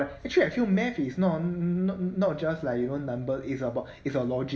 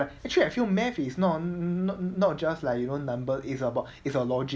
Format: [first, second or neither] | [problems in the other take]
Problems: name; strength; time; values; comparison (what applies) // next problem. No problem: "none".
second | room echo; dies away in 2 s